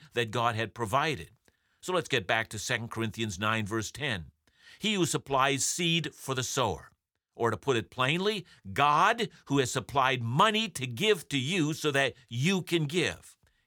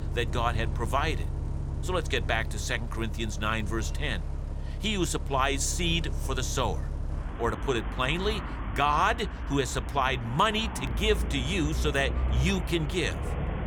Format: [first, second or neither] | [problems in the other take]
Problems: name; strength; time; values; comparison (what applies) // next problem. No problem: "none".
first | traffic noise; loud; throughout; 5 dB below the speech